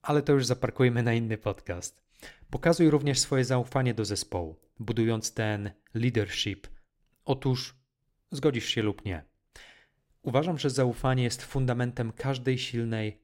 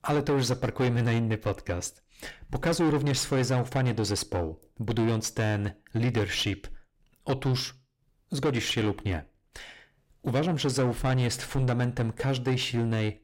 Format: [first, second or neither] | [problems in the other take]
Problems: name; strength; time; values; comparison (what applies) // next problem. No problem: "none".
first | distortion; heavy; 7 dB below the speech